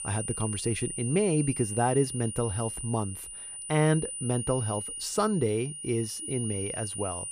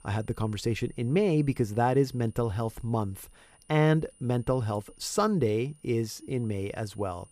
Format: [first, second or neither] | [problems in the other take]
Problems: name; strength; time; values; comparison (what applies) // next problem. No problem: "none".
second | high-pitched whine; loud; throughout; 9.5 kHz, 5 dB below the speech; faint in the second